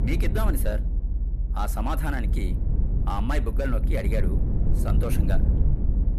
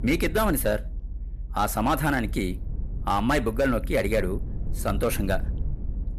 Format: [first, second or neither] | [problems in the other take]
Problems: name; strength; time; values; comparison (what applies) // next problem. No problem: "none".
second | low rumble; loud; throughout; 8 dB below the speech; faint in the second